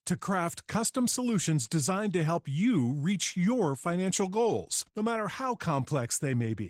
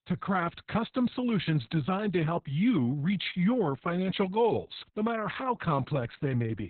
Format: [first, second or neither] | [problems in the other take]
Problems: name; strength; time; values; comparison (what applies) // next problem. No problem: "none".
first | garbled, watery; badly; nothing above 4 kHz; slightly in the first